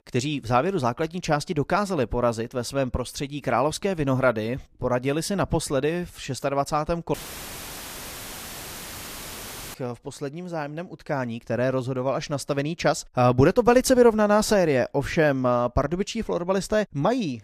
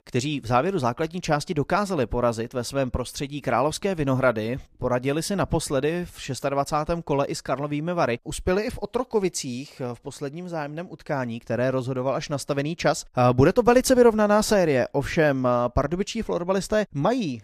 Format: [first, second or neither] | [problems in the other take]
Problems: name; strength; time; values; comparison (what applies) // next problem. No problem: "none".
second | audio cutting out; filled with static; at 7 s for 2.5 s